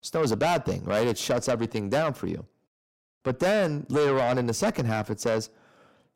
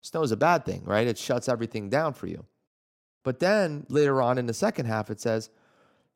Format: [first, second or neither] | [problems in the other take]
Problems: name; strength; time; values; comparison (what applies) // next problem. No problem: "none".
second | distortion; heavy; 7 dB below the speech